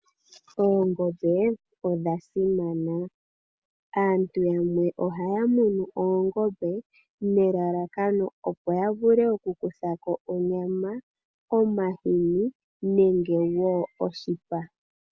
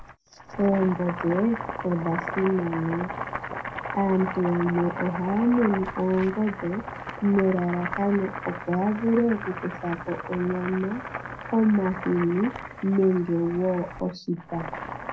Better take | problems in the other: first | background sound (Boiling); 9 dB below the speech // room echo; dies away in 0.2 s

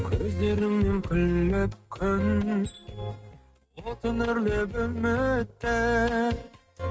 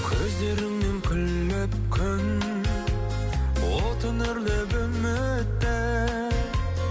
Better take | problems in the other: second | noise reduction (neural mask model RNNoise)

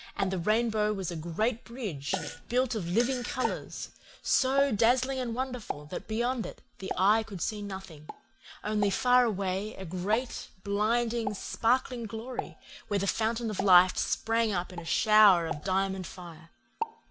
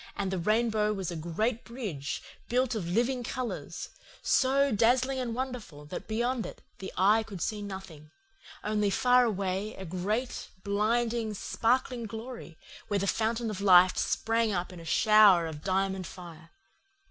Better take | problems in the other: second | background sound (Explosion + Fart); 13 dB below the speech

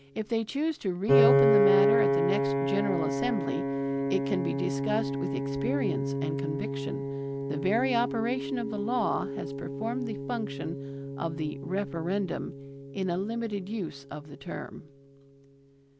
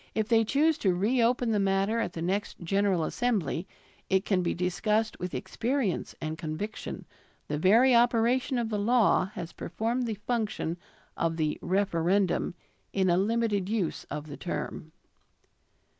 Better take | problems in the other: second | background sound (Piano); 2 dB above the speech

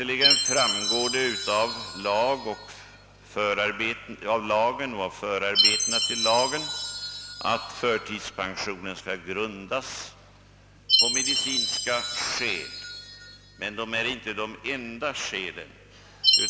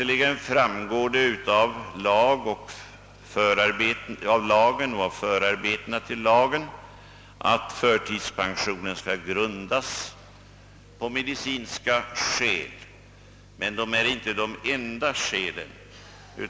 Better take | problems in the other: second | background sound (Chime); as loud as the speech

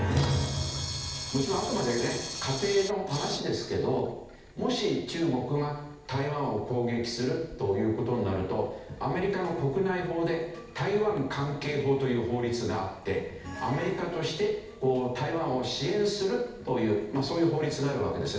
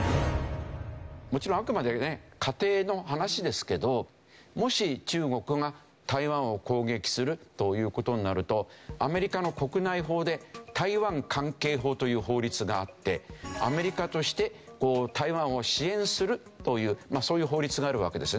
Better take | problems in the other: second | background sound (Camera); 15 dB below the speech // room echo; dies away in 0.8 s

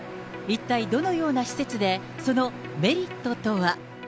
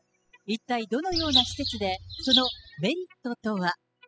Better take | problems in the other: first | noise reduction (classical method spectral subtraction)

